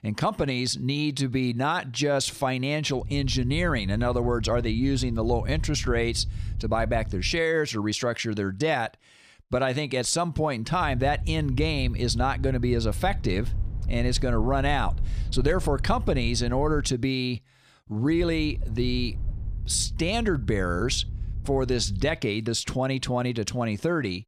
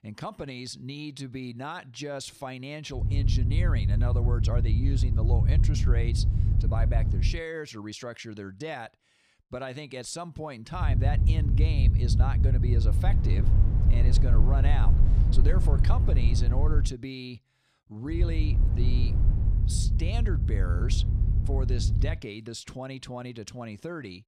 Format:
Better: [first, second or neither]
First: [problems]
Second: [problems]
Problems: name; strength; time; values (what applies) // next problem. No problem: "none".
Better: first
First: low rumble; faint; from 3 to 7.5 s, from 11 to 17 s and from 18 to 22 s; 20 dB below the speech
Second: low rumble; loud; from 3 to 7.5 s, from 11 to 17 s and from 18 to 22 s; 3 dB below the speech